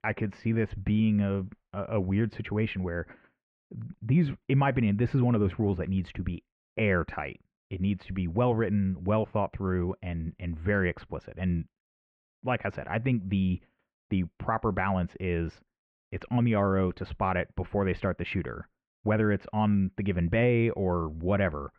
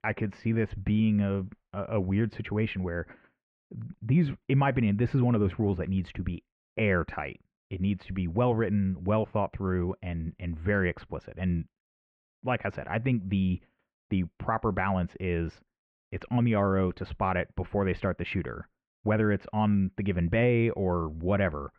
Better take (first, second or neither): neither